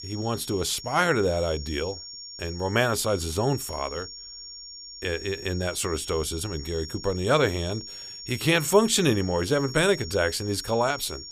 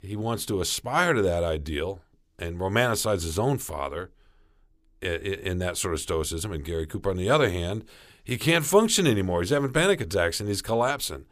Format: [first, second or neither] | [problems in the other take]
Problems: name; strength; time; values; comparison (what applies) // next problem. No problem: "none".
second | high-pitched whine; noticeable; throughout; 5.5 kHz, 10 dB below the speech